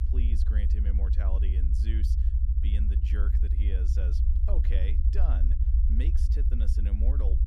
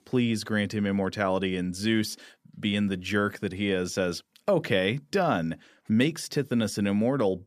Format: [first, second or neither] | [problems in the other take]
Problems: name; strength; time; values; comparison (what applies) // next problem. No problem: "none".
second | low rumble; loud; throughout; as loud as the speech